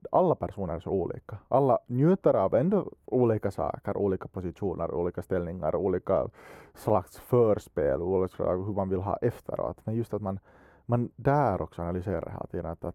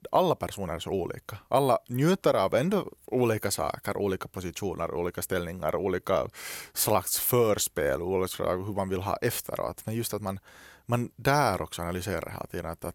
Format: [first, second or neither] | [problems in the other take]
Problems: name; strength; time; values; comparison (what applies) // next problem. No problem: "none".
second | muffled; very; fading above 2 kHz